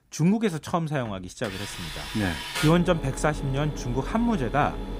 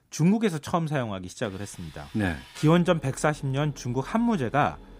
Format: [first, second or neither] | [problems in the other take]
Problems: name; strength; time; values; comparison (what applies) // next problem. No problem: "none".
second | machinery noise; loud; throughout; 8 dB below the speech; faint in the second